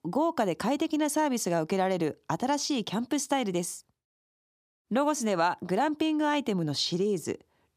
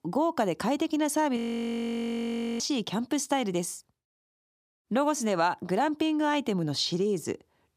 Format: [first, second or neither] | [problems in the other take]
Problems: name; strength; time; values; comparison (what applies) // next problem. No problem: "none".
first | audio freezing; at 1.5 s for 1 s